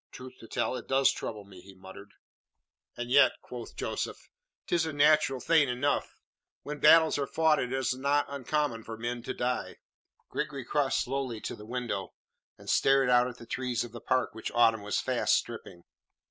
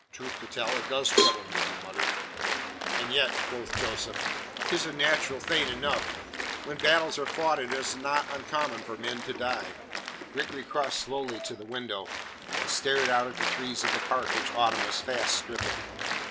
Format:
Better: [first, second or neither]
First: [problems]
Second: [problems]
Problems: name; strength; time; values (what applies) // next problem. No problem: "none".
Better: first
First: none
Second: background sound (Cowbell + Applause); 1 dB below the speech